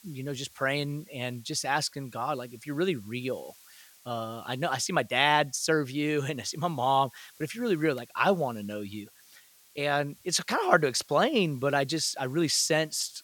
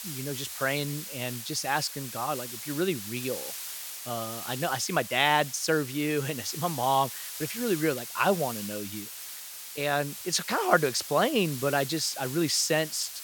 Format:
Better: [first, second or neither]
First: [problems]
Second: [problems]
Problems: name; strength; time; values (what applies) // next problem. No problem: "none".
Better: first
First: hiss; faint; throughout; 25 dB below the speech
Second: hiss; loud; throughout; 8 dB below the speech